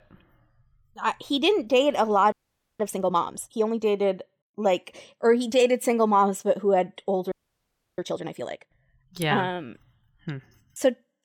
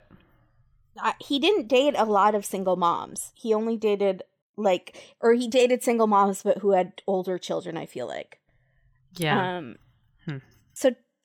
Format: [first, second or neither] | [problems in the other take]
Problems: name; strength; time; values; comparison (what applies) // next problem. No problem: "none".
second | audio freezing; at 2.5 s and at 7.5 s for 0.5 s